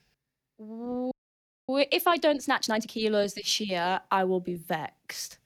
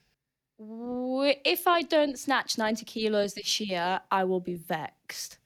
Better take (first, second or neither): second